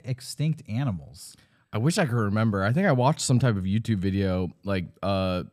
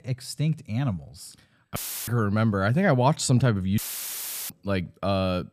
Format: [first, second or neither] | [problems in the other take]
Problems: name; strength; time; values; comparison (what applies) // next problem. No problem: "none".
first | audio cutting out; filled with static; at 2 s and at 4 s for 0.5 s